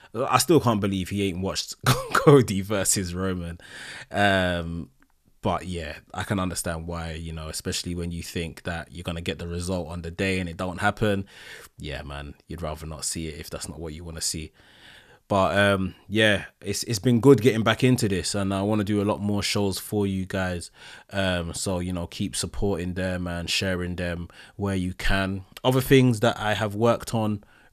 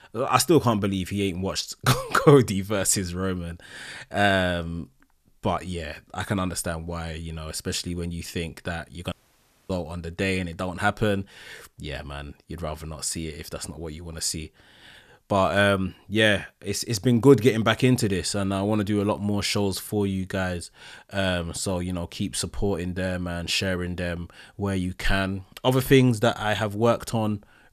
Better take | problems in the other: first | audio cutting out; at 9 s for 0.5 s

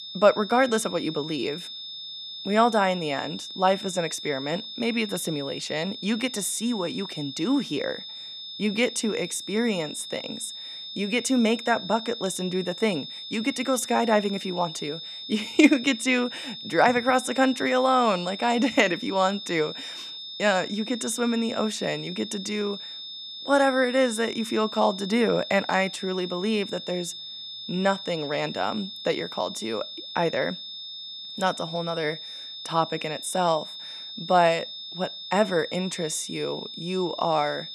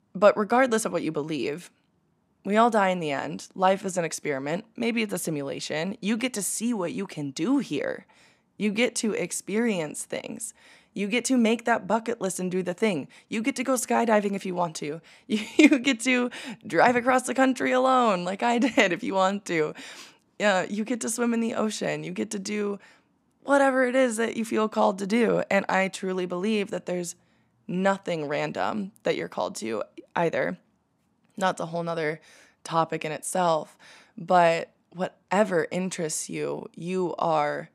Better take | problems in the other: second | high-pitched whine; loud; throughout; 3.5 kHz, 10 dB below the speech

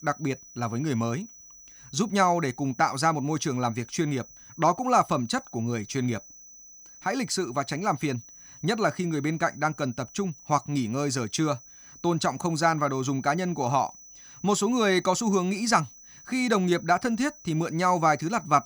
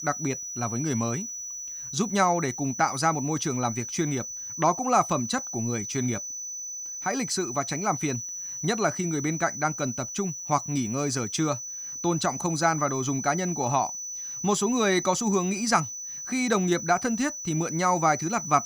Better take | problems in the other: first | high-pitched whine; loud; throughout; 6 kHz, 6 dB below the speech; faint in the first

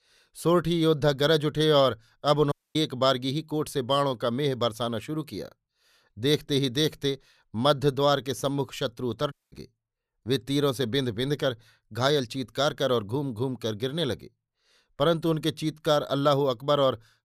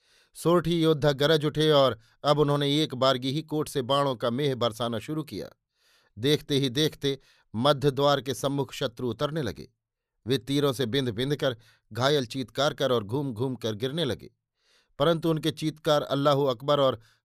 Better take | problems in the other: second | audio cutting out; at 2.5 s and at 9.5 s

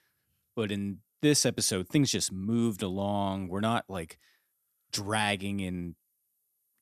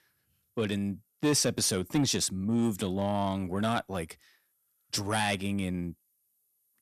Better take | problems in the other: first | distortion; slight; 10 dB below the speech

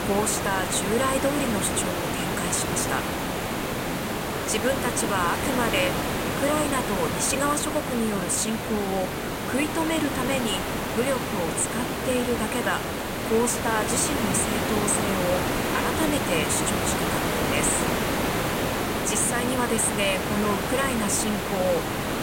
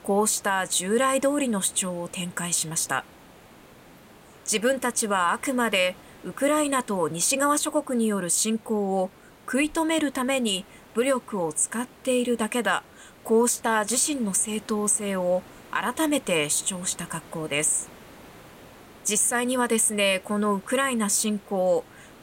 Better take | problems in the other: second | hiss; loud; throughout; as loud as the speech; faint in the second

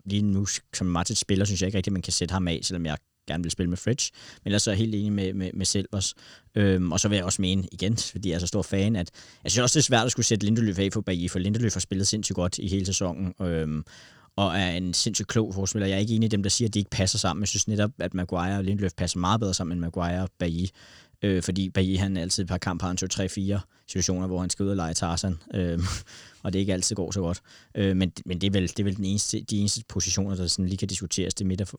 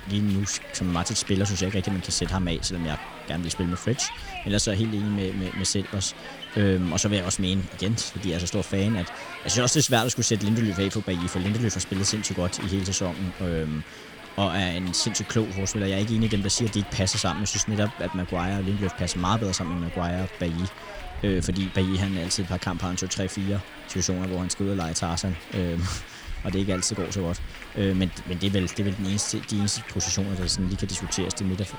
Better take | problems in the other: first | hiss; noticeable; throughout; 10 dB below the speech

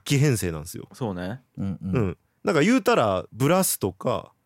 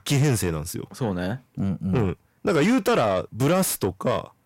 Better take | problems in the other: first | distortion; slight; 10 dB below the speech

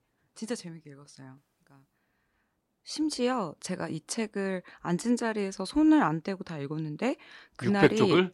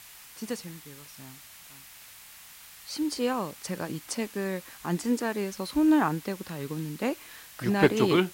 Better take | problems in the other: first | hiss; noticeable; throughout; 15 dB below the speech

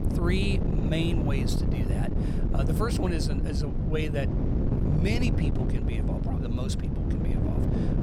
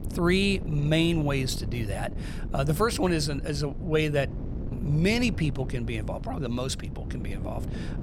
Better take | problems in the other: second | wind noise on the microphone; heavy; 1 dB below the speech; occasional gusts in the second

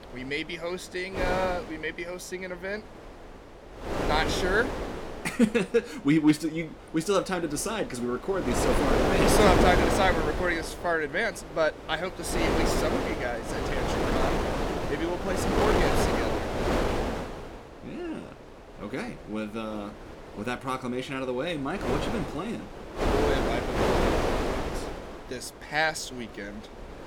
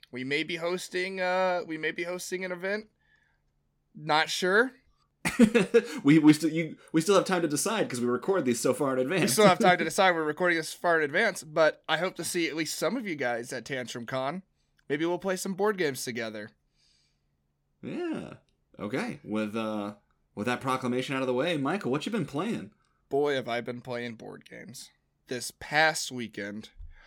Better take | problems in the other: second | wind noise on the microphone; heavy; 1 dB above the speech

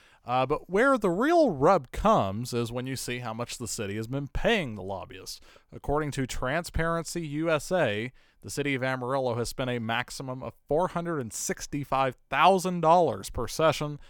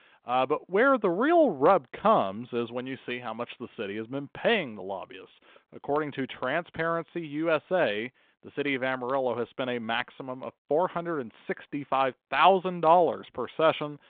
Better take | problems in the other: first | phone-call audio

